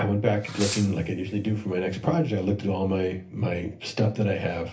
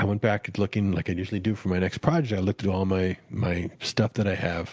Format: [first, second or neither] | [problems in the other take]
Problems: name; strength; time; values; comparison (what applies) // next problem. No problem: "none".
second | background sound (Fireworks); 15 dB below the speech // room echo; dies away in 0.3 s